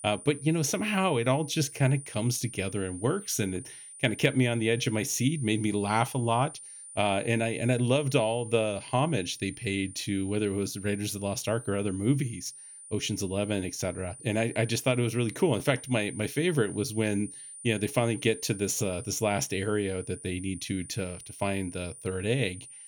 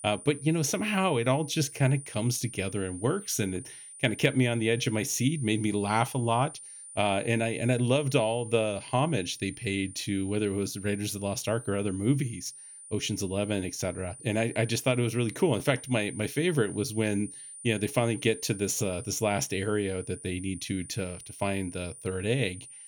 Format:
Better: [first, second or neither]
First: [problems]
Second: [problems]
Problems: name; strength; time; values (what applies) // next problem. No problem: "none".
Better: neither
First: high-pitched whine; noticeable; throughout; 9.5 kHz, 15 dB below the speech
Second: high-pitched whine; noticeable; throughout; 9.5 kHz, 15 dB below the speech